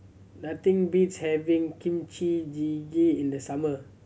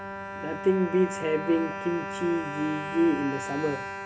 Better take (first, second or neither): first